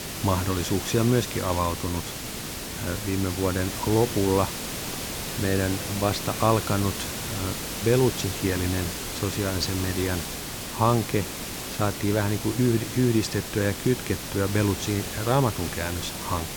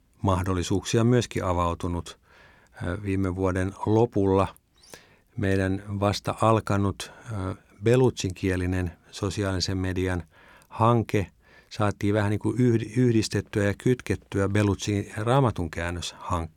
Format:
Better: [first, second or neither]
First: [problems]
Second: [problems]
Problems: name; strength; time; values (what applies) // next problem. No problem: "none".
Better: second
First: hiss; loud; throughout; 5 dB below the speech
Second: none